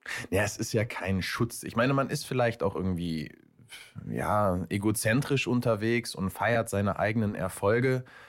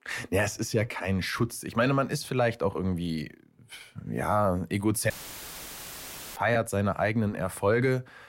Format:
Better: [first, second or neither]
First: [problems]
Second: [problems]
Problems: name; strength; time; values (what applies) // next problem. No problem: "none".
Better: first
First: none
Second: audio cutting out; filled with static; at 5 s for 1.5 s